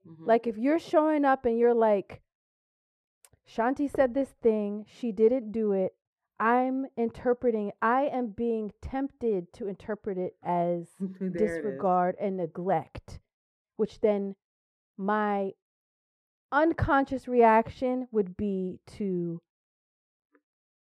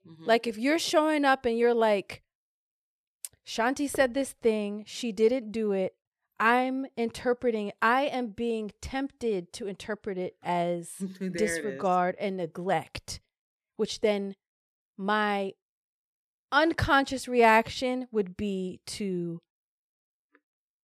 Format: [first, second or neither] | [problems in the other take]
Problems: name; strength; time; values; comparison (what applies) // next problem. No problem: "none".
second | muffled; very; fading above 2 kHz